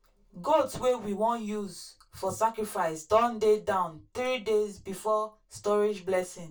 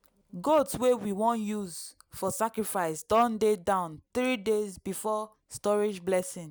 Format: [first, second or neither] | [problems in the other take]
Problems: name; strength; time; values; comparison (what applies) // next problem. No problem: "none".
second | room echo; dies away in 0.2 s